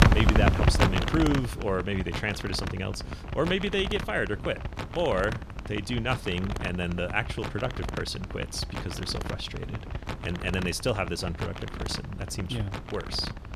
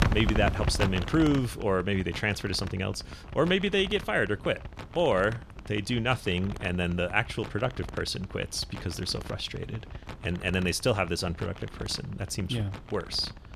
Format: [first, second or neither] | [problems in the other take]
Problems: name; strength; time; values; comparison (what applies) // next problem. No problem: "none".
second | wind noise on the microphone; heavy; 4 dB below the speech; occasional gusts in the second